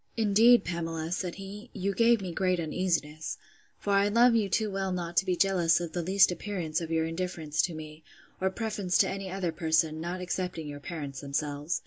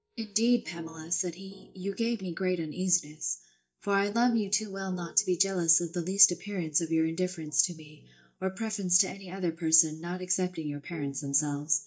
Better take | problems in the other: first | noise reduction (neural mask model DeepFilterNet 3)

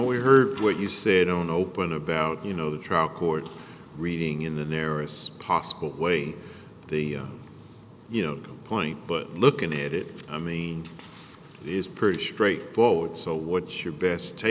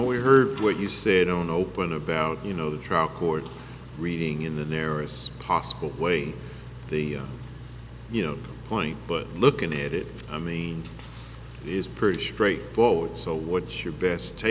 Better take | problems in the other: first | background sound (Engine); 15 dB below the speech

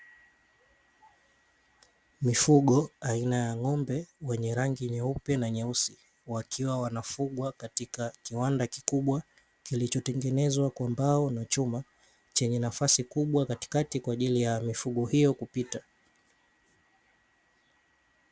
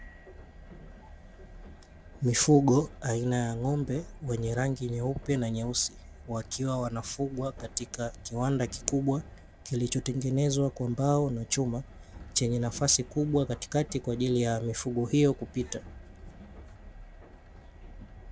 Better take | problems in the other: first | background sound (Train); 17 dB below the speech

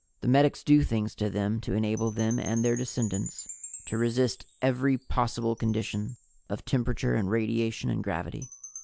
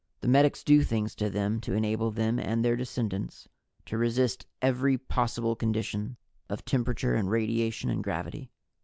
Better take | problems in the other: second | background sound (Wind chime / Percussion); 19 dB below the speech

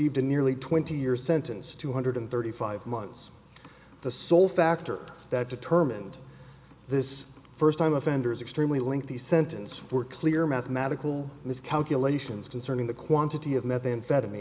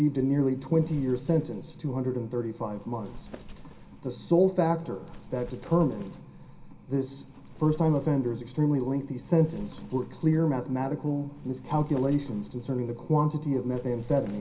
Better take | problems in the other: first | background sound (Wind); 19 dB below the speech // room echo; dies away in 0.3 s

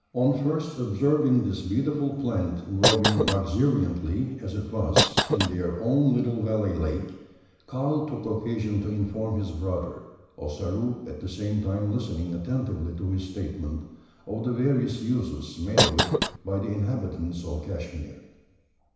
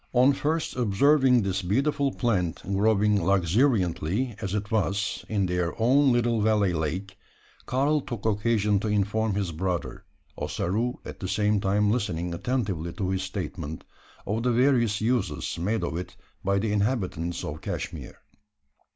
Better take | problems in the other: second | background sound (Cough); as loud as the speech // room echo; dies away in 1 s

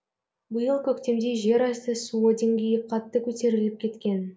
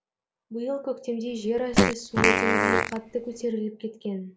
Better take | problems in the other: first | background sound (Fart); 5 dB above the speech

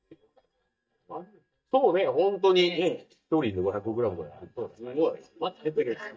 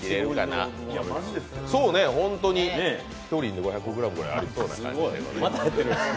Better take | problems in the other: second | noise reduction (neural mask model DeepFilterNet 3)

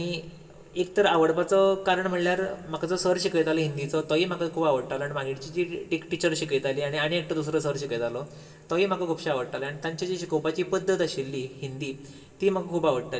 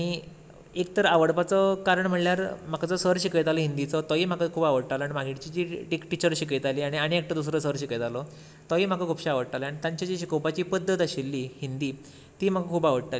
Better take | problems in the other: second | room echo; dies away in 2.9 s

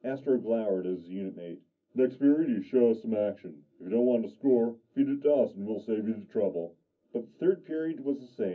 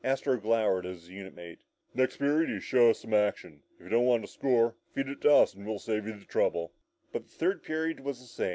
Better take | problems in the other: second | room echo; dies away in 0.4 s

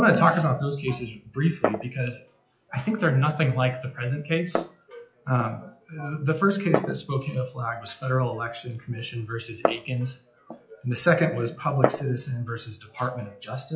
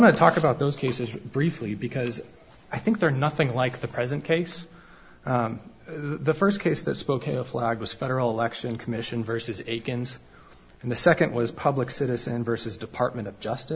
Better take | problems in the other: second | noise reduction (classical method WPE with log-MMSE)

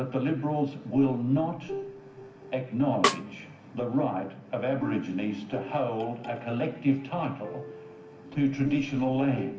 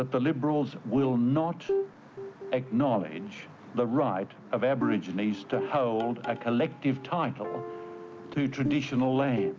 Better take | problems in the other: second | background sound (Snare drum); 2 dB below the speech // room echo; dies away in 0.9 s

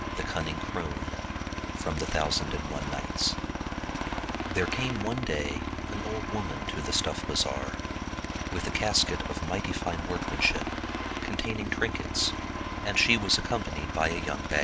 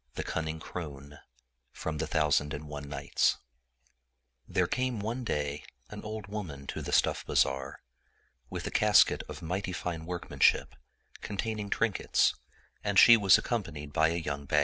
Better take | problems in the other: second | background sound (Aircraft); 2 dB below the speech

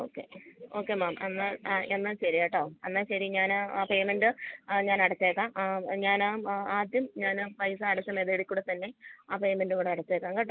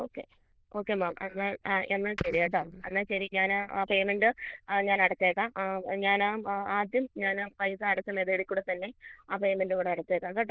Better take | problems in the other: first | noise reduction (neural diffusion model UNIVERSE++)

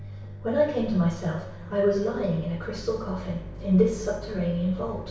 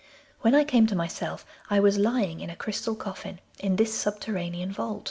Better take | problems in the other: second | background sound (Microwave oven); 12 dB below the speech // room echo; dies away in 0.6 s

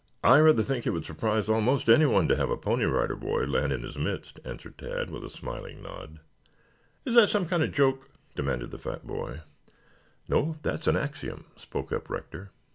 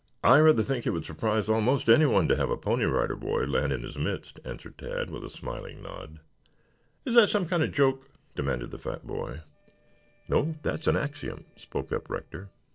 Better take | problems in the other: first | noise reduction (neural separator model SepFormer DNS4)

